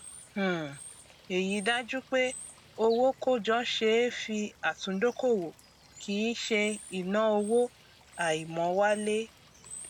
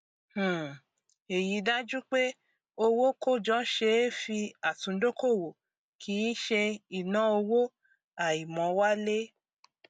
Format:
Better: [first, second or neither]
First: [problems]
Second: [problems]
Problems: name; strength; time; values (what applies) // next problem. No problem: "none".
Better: second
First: background sound (Water / Bird); 20 dB below the speech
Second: none